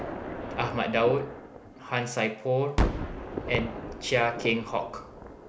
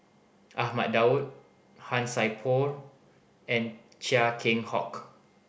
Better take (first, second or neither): second